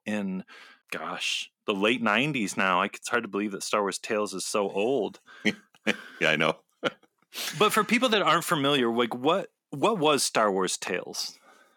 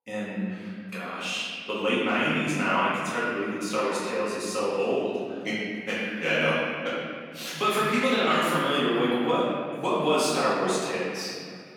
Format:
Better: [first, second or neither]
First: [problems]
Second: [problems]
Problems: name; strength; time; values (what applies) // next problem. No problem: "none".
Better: first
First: none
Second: off-mic speech; far // room echo; strong; dies away in 2.2 s